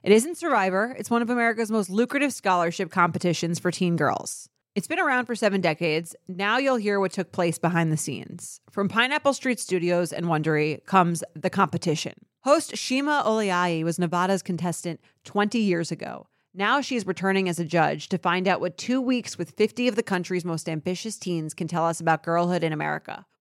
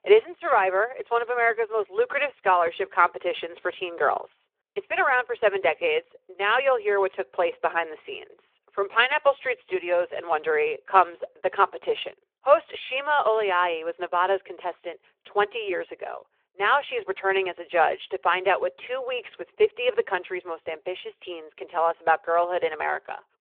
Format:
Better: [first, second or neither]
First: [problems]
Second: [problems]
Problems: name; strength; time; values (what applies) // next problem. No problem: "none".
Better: first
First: none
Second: phone-call audio